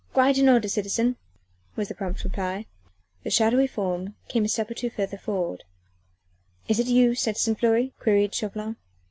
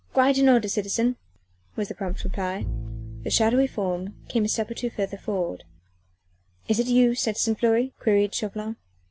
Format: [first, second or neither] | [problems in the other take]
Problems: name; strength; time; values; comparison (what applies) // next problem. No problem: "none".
first | background sound (Bowed string instrument); 11 dB below the speech